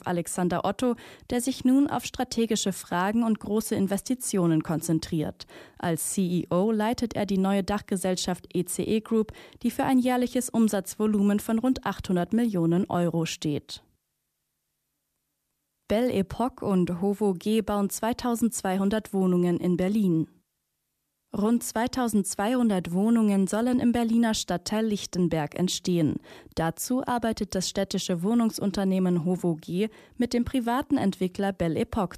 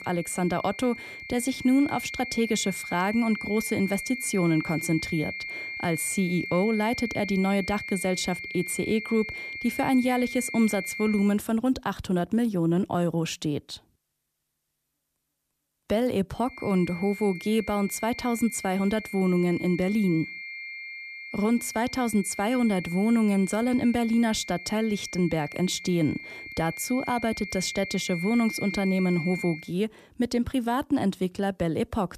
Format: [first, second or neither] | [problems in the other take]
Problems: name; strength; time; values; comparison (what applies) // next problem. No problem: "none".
first | high-pitched whine; loud; until 11 s and from 17 to 30 s; 2 kHz, 9 dB below the speech